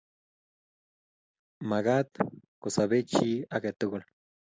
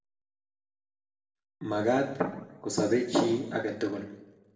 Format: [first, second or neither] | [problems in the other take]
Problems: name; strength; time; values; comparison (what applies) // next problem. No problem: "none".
first | room echo; dies away in 0.9 s